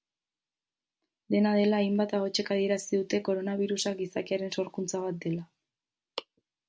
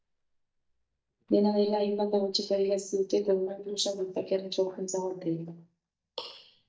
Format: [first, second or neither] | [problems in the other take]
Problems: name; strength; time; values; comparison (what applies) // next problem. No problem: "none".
first | noise reduction (neural mask model DeepFilterNet 3)